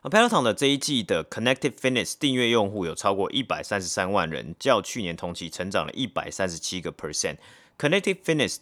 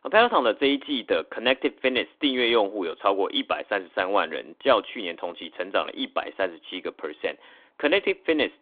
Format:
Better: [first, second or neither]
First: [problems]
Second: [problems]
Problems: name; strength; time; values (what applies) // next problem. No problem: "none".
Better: first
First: none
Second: phone-call audio; nothing above 3.5 kHz